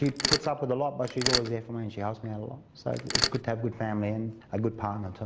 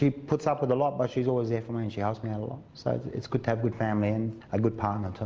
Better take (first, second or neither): second